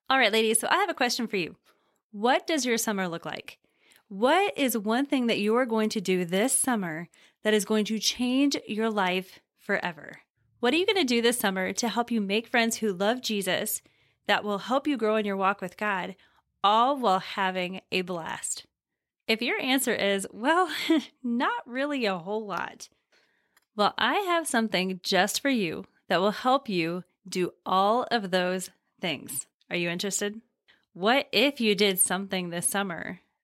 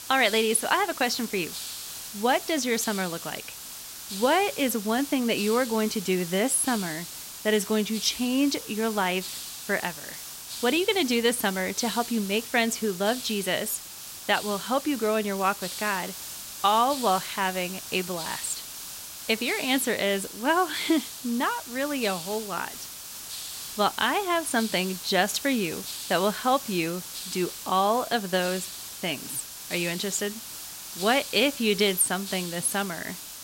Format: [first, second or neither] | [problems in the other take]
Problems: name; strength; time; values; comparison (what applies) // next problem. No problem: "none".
first | hiss; loud; throughout; 9 dB below the speech